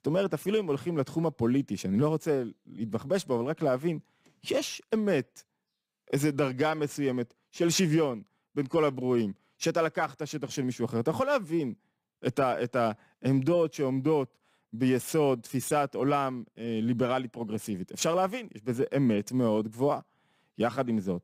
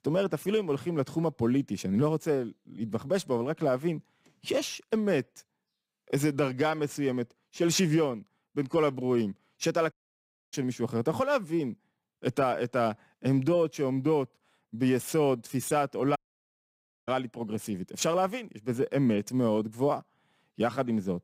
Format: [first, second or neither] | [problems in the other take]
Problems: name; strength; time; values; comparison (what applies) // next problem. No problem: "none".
first | audio cutting out; at 10 s for 0.5 s and at 16 s for 1 s